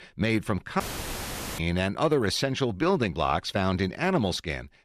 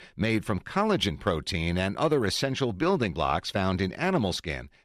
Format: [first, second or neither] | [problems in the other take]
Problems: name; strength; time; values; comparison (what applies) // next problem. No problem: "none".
second | audio cutting out; filled with static; at 1 s for 1 s